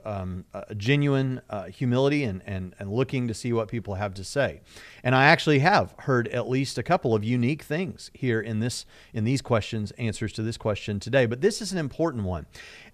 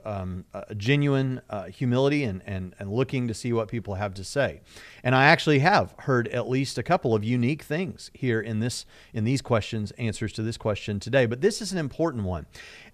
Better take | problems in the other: neither | none

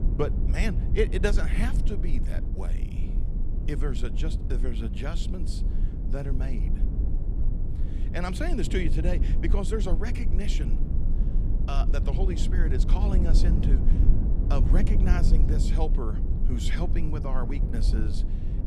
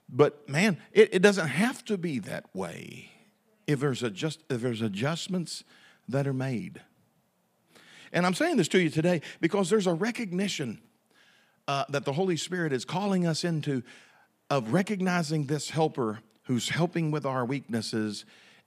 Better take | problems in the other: second | low rumble; loud; throughout; 6 dB below the speech

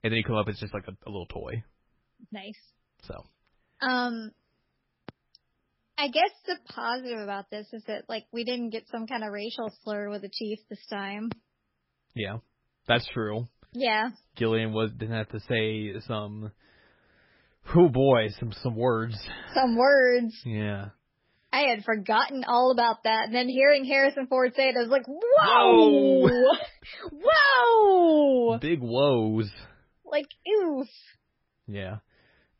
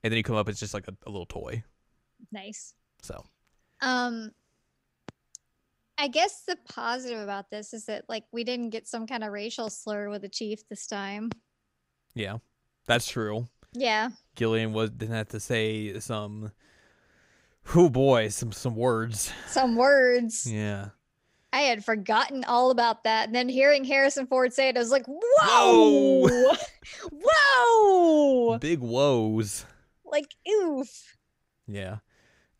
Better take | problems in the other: second | garbled, watery; badly; nothing above 5.5 kHz

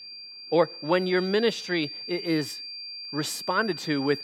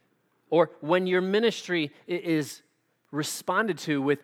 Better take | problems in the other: second | high-pitched whine; loud; throughout; 4.5 kHz, 9 dB below the speech

